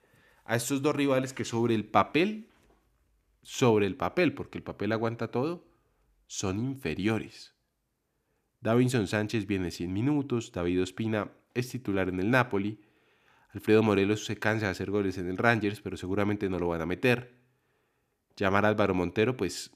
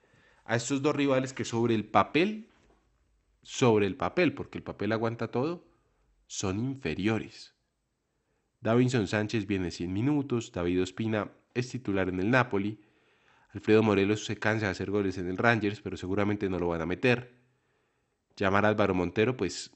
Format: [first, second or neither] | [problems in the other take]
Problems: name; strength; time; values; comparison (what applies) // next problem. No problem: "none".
first | garbled, watery; slightly; nothing above 8 kHz